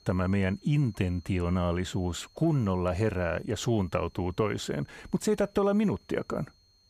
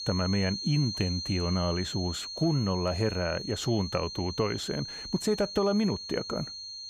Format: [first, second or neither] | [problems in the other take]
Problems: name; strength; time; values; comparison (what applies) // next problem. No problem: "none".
first | high-pitched whine; loud; throughout; 4 kHz, 6 dB below the speech; faint in the first